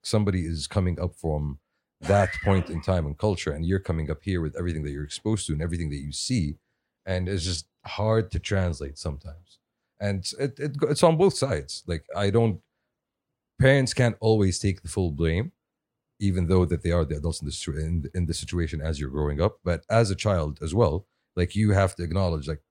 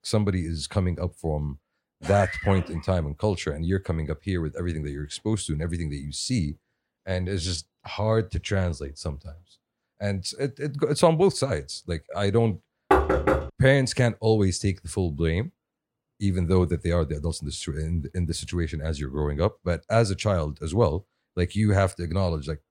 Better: first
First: none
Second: door banging; loud; at 13 s; peak 5 dB above the speech

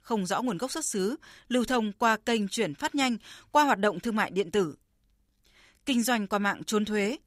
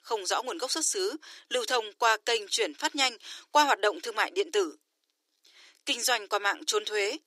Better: first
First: none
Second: thin; very; fading below 300 Hz

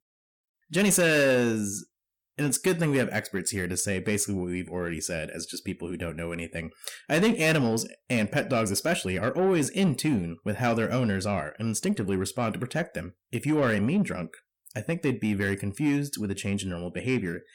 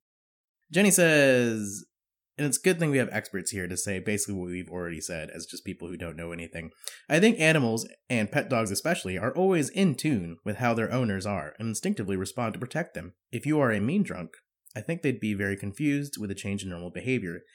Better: second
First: distortion; slight; 10 dB below the speech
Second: none

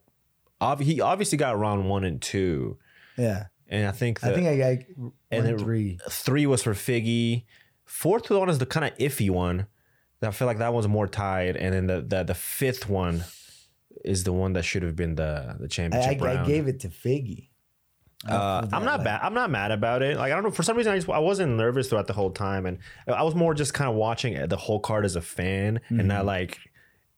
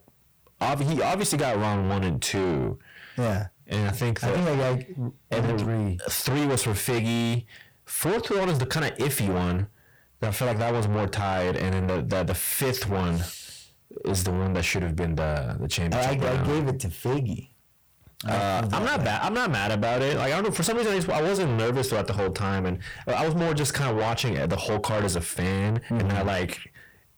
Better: first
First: none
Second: distortion; heavy; 6 dB below the speech

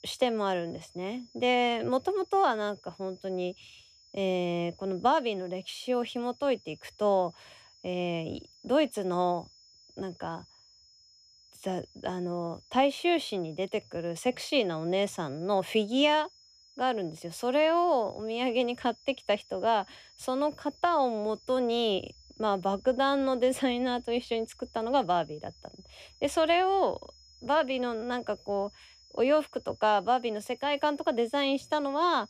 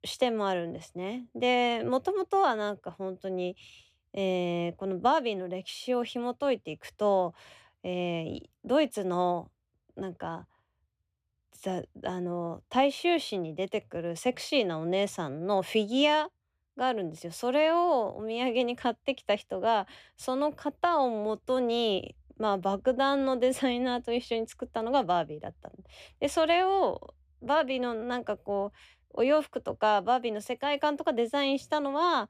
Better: second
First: high-pitched whine; faint; throughout; 5 kHz, 25 dB below the speech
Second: none

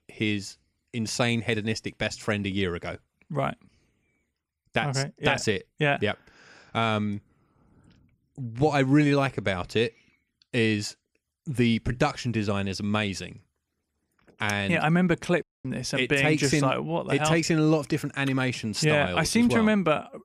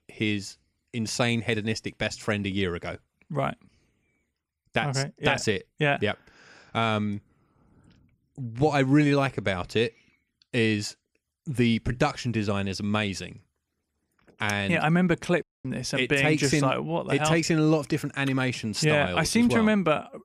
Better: neither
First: audio cutting out; at 15 s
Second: audio cutting out; at 15 s

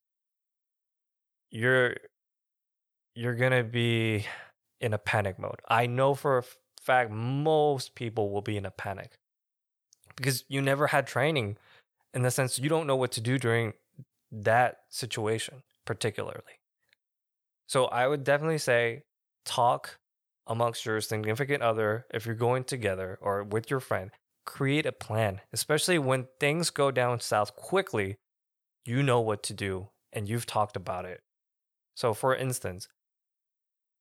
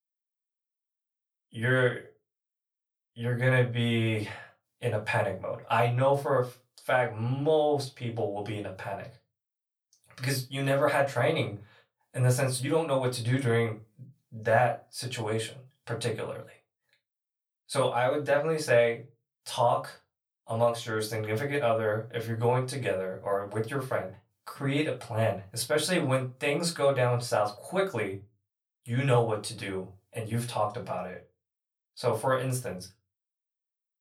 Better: first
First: none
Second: off-mic speech; far // room echo; very slight; dies away in 0.2 s

